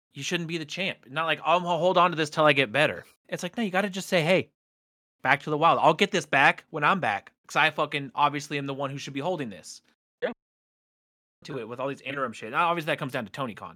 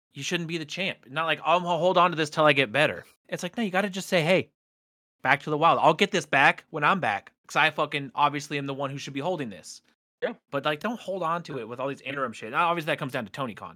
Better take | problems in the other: second | audio cutting out; at 10 s for 1 s

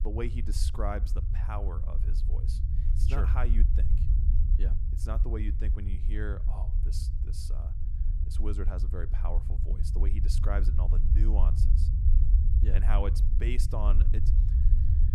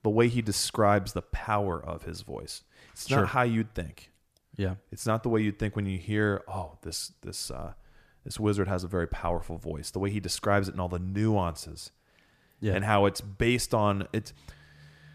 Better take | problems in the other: second | low rumble; loud; throughout; 7 dB below the speech

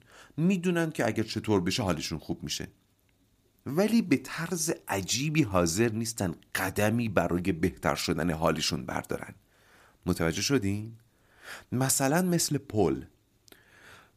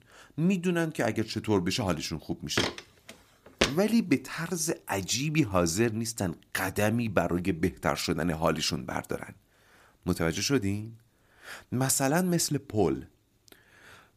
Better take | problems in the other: first | footsteps; noticeable; from 2.5 to 3.5 s; peak level with the speech

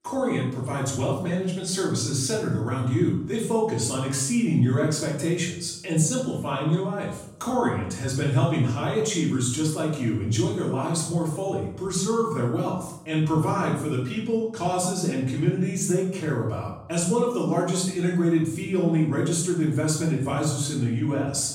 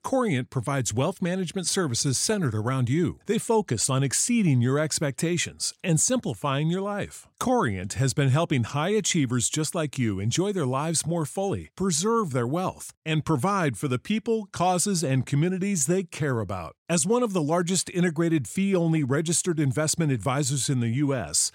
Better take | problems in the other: second | off-mic speech; far // room echo; noticeable; dies away in 0.6 s

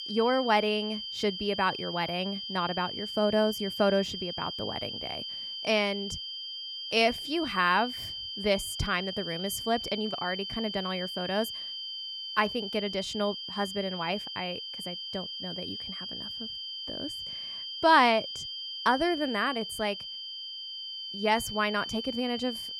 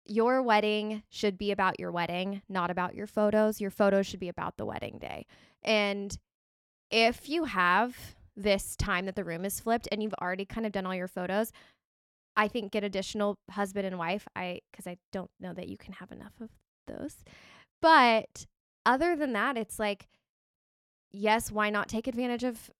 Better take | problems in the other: second | high-pitched whine; loud; throughout; 3 kHz, 6 dB below the speech

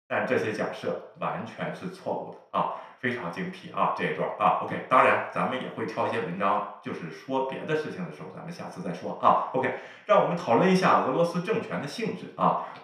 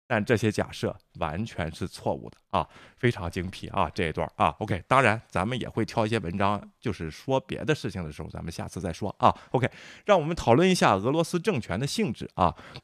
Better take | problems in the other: second | room echo; noticeable; dies away in 0.6 s // off-mic speech; far

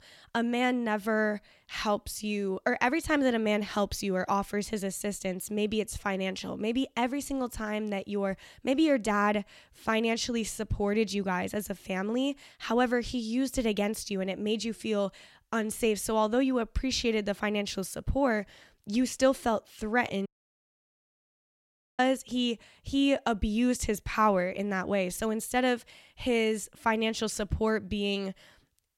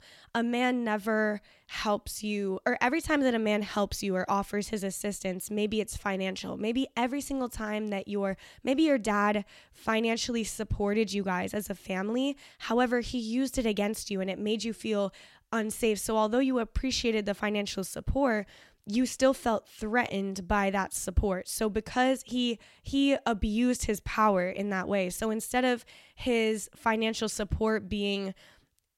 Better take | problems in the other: second | audio cutting out; at 20 s for 1.5 s

